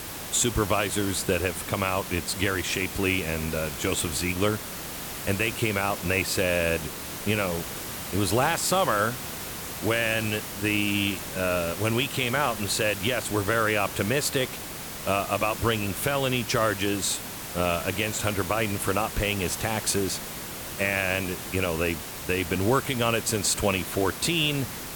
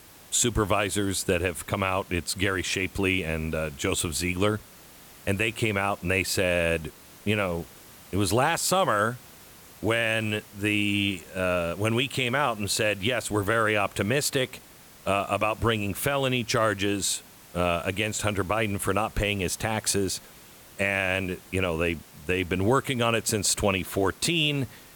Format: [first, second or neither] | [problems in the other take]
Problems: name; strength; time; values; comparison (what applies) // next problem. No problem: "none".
second | hiss; loud; throughout; 8 dB below the speech; faint in the second